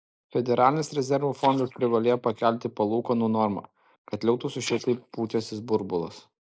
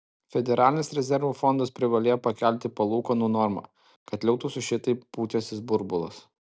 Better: second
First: noise reduction (neural mask model Resemble Enhance denoiser)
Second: none

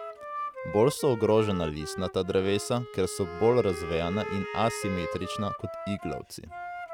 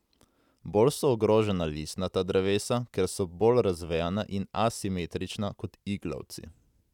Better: second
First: background sound (Wind instrument, woodwind instrument + Wind instrument, woodwind instrument); 9 dB below the speech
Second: none

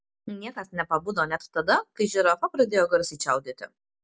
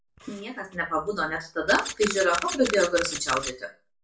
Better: first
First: none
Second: background sound (Camera); 8 dB below the speech // room echo; dies away in 0.3 s

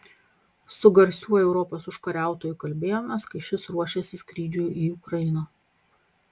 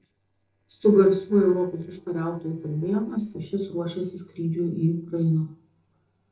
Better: first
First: none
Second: noise reduction (neural separator model SepFormer DNS4)

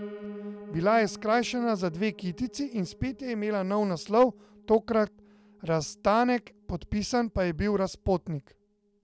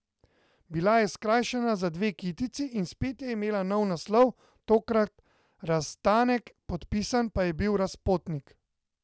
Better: second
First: background sound (Piano); 19 dB below the speech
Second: none

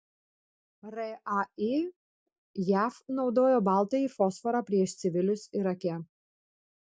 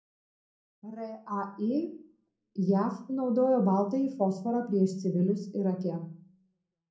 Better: first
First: none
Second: room echo; dies away in 0.6 s

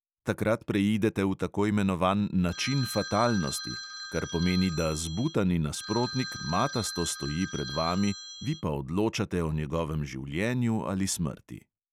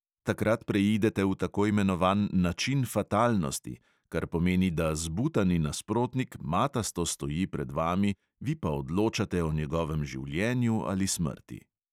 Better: second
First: background sound (Telephone); 11 dB below the speech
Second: none

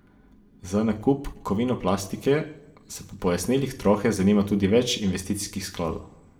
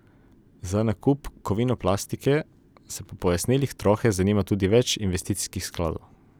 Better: second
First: room echo; dies away in 0.5 s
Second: none

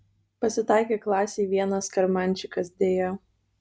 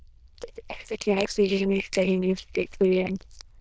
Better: first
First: none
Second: noise reduction (neural diffusion model UNIVERSE++)

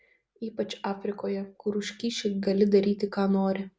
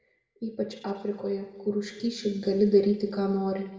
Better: first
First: none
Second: room echo; dies away in 1.8 s

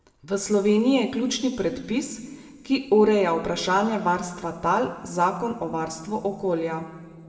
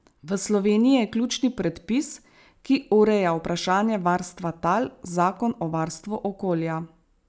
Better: second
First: room echo; dies away in 1.8 s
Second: none

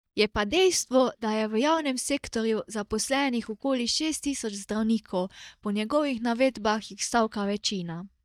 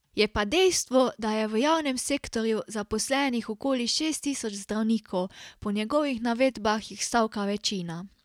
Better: second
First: noise reduction (neural mask model DeepFilterNet 3)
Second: none

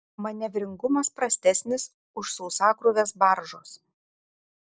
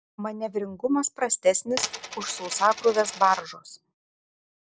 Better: first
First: none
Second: background sound (Coin (dropping)); 9 dB below the speech

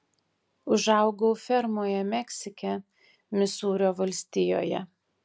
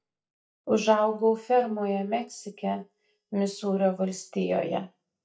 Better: first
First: none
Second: noise reduction (neural mask model DeepFilterNet 3)

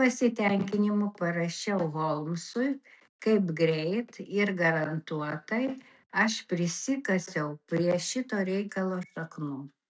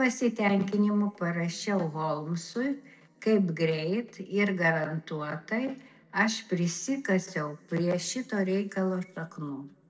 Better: first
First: none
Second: room echo; dies away in 1.2 s

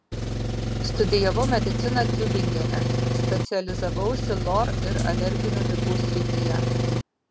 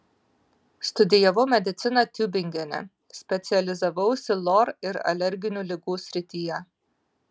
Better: second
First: background sound (Engine); 5 dB above the speech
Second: none

